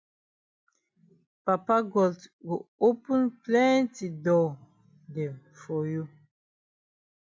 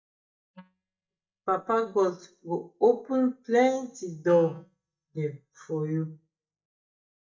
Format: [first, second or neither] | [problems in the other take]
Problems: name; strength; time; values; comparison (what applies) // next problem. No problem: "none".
first | noise reduction (neural mask model DeepFilterNet 3)